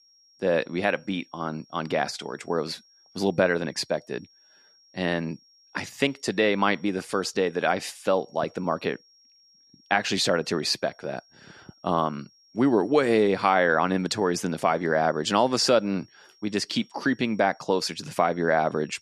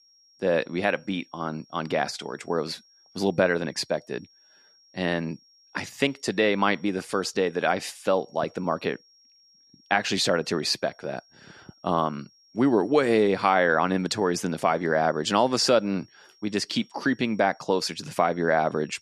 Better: neither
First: high-pitched whine; faint; throughout; 5.5 kHz, 30 dB below the speech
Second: high-pitched whine; faint; throughout; 5.5 kHz, 30 dB below the speech

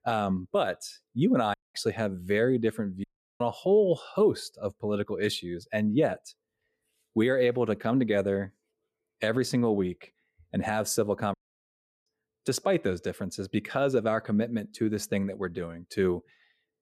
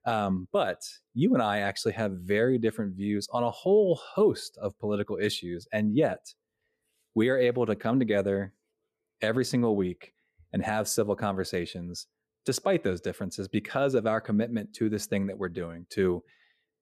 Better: second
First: audio cutting out; at 1.5 s, at 3 s and at 11 s for 0.5 s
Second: none

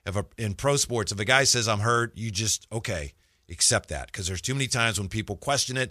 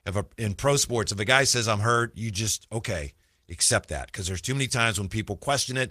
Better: first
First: none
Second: garbled, watery; slightly; nothing above 15 kHz

